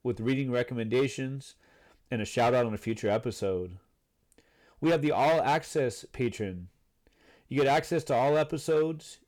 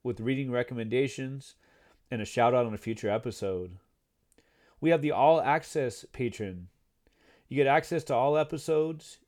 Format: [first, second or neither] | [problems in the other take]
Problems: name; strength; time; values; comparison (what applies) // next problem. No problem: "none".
second | distortion; slight; 6% of the sound clipped